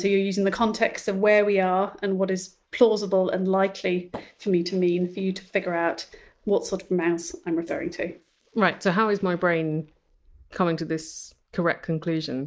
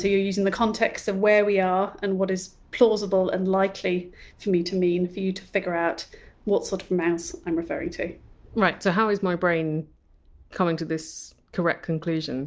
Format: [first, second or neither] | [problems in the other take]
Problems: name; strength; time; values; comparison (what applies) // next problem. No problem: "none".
second | noise reduction (neural mask model Resemble Enhance denoiser)